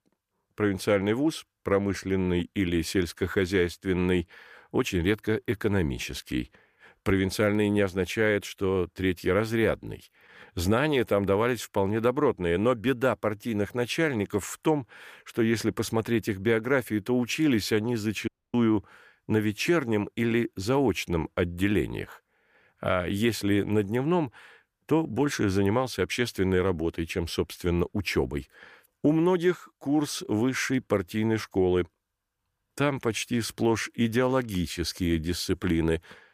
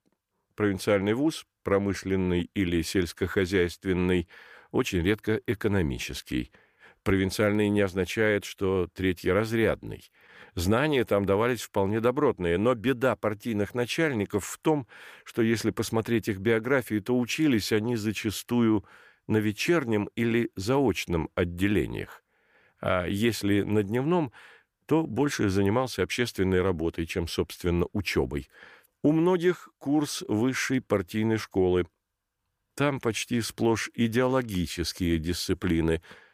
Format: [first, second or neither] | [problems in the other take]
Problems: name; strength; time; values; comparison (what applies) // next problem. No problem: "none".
second | audio cutting out; at 18 s